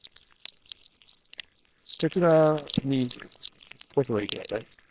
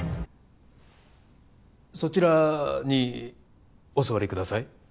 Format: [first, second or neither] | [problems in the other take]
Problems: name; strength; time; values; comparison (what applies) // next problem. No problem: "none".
second | noise reduction (neural separator model SepFormer WHAMR!)